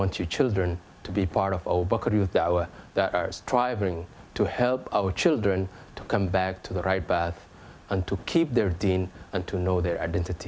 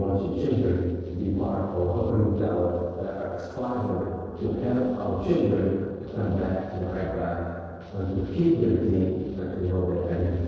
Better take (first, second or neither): first